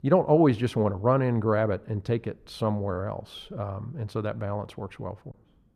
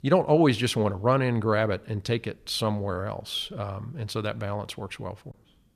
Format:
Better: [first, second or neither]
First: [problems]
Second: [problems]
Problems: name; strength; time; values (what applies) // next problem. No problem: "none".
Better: second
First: muffled; slightly; fading above 2 kHz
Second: none